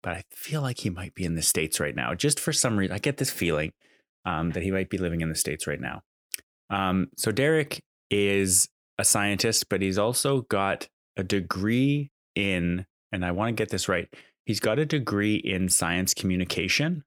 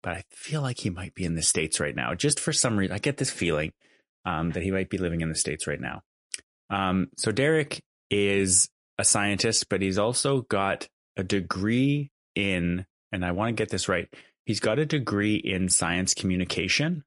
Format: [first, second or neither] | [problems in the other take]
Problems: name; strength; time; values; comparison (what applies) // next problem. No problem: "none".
first | garbled, watery; slightly; nothing above 11 kHz